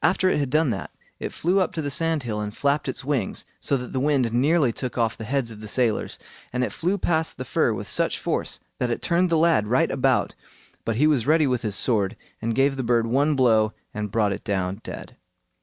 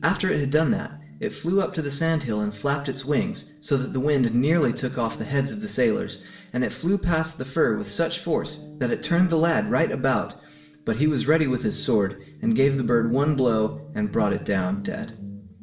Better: first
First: none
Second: background sound (Guitar); 16 dB below the speech // room echo; dies away in 0.5 s

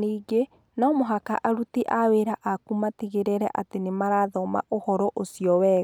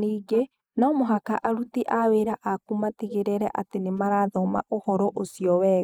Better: first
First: none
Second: noise reduction (neural mask model Resemble Enhance denoiser)

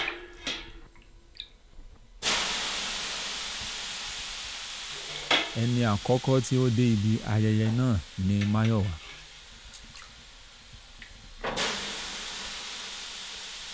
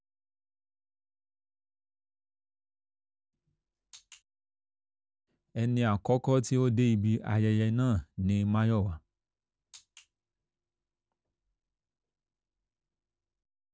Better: second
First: background sound (Hiss); 5 dB below the speech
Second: none

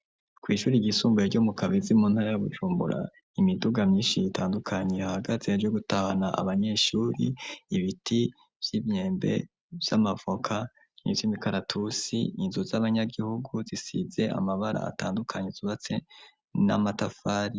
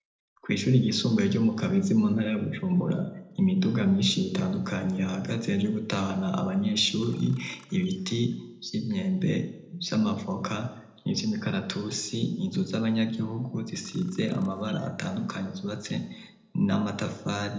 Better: first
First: none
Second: noise reduction (neural separator model SepFormer DNS4)

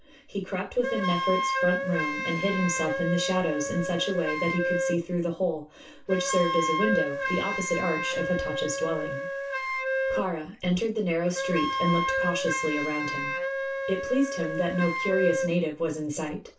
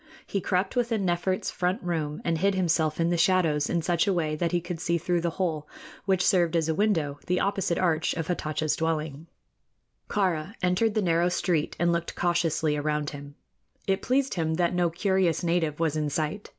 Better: second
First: background sound (Wind instrument, woodwind instrument); 2 dB below the speech // room echo; dies away in 0.2 s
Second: none

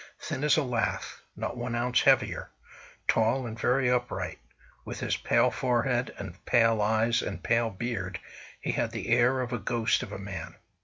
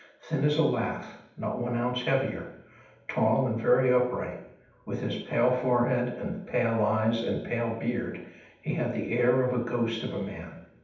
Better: first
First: none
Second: room echo; dies away in 0.8 s

